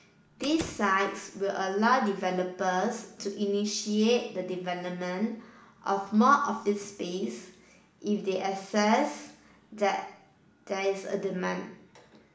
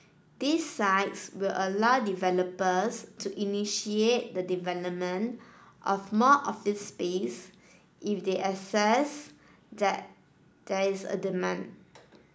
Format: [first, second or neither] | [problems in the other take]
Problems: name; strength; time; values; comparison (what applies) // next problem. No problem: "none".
second | background sound (Slam); 14 dB below the speech // room echo; dies away in 0.7 s